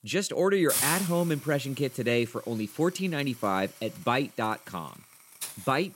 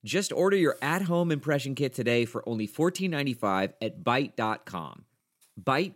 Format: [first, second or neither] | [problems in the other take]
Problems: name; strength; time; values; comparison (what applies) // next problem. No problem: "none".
second | hiss; loud; throughout; 3 dB below the speech; faint in the second